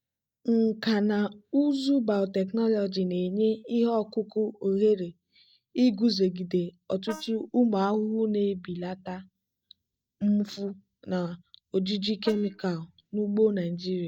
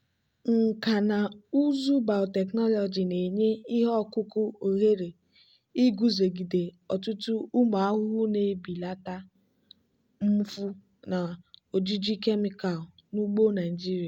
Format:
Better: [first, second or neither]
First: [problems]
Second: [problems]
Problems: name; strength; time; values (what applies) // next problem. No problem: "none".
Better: second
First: noise reduction (neural mask model DeepFilterNet 3)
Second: none